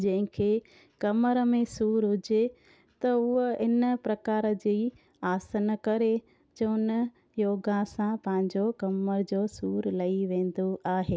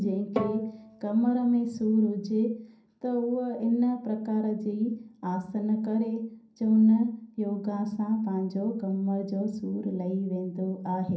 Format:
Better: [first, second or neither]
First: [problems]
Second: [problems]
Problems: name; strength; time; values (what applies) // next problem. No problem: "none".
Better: first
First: none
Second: background sound (Bowed string instrument); 10 dB below the speech // room echo; dies away in 0.6 s